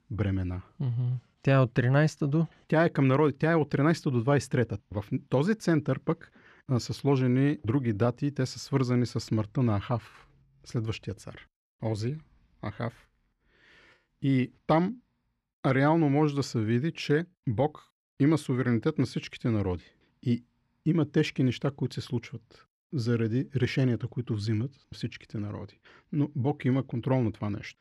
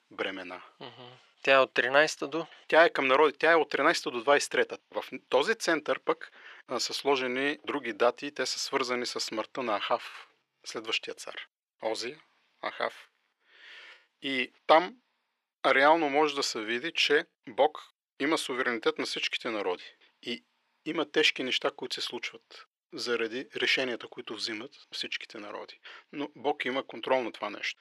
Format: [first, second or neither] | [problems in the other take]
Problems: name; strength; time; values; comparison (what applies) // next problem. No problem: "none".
first | thin; very; fading below 500 Hz